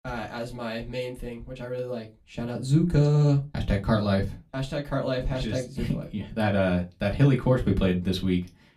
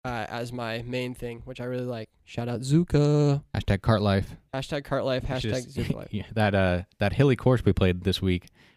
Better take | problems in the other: second | off-mic speech; far // room echo; very slight; dies away in 0.2 s

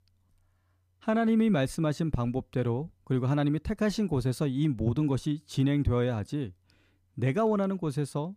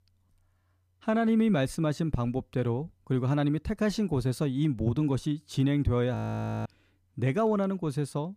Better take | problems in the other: first | audio freezing; at 6 s for 0.5 s

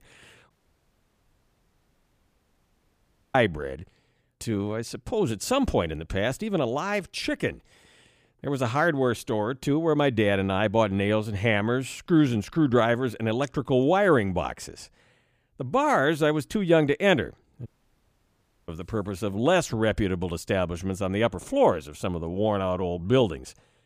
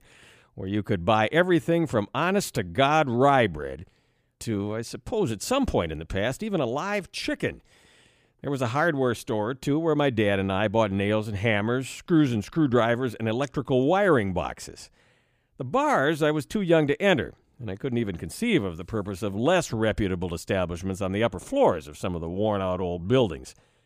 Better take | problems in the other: second | audio cutting out; at 0.5 s for 3 s and at 18 s for 1 s

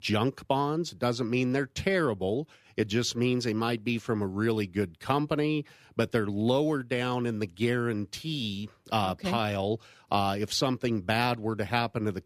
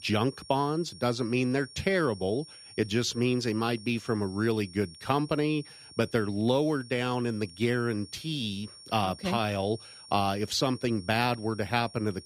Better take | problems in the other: first | high-pitched whine; noticeable; throughout; 5.5 kHz, 20 dB below the speech

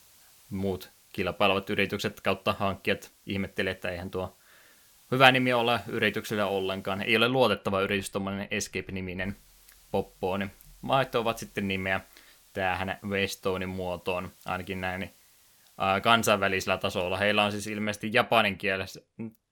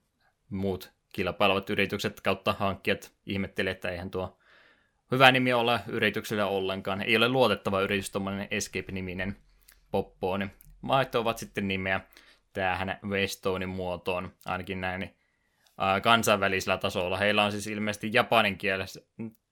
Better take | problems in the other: second | hiss; faint; until 7 s and from 9.5 to 18 s; 30 dB below the speech

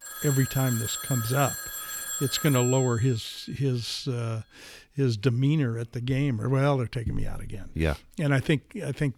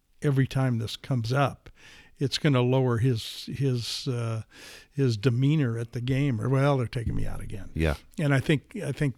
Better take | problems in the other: second | phone ringing; noticeable; until 3 s; peak 4 dB below the speech

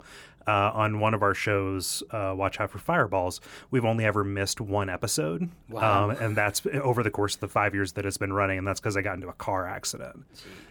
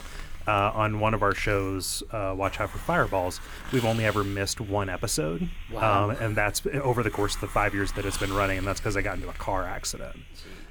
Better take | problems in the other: first | hiss; noticeable; throughout; 15 dB below the speech

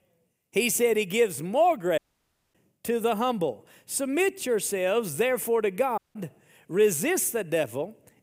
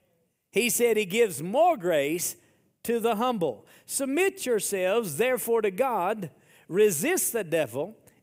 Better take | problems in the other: second | audio cutting out; at 2 s for 0.5 s and at 6 s

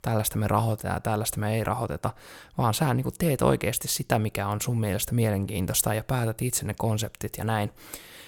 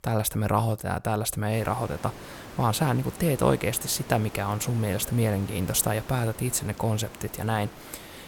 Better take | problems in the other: first | hiss; noticeable; from 1.5 s on; 15 dB below the speech

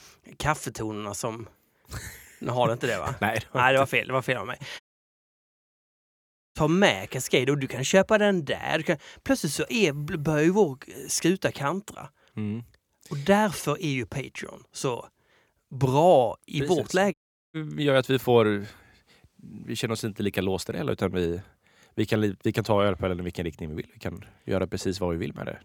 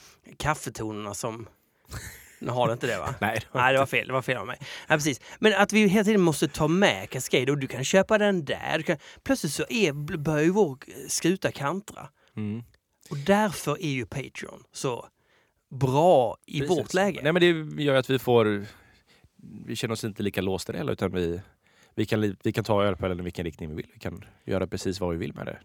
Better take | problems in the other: second | audio cutting out; at 5 s for 2 s and at 17 s

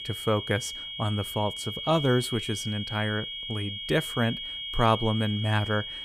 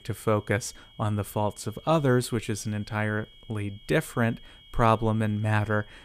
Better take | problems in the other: second | high-pitched whine; loud; throughout; 3.5 kHz, 5 dB below the speech; faint in the second

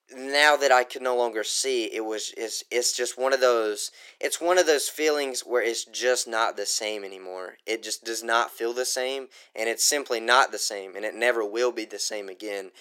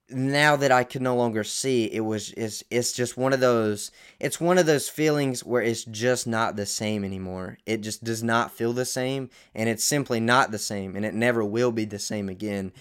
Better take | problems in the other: second | thin; very; fading below 350 Hz

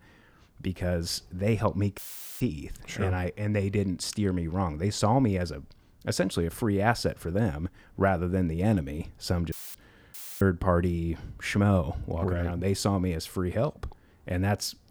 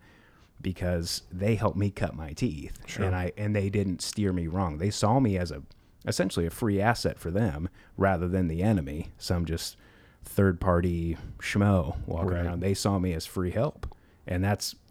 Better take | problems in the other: second | audio cutting out; filled with static; at 2 s, at 9.5 s and at 10 s

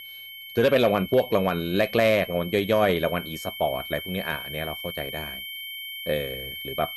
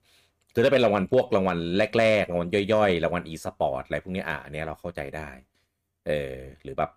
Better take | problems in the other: second | high-pitched whine; noticeable; throughout; 3 kHz, 10 dB below the speech

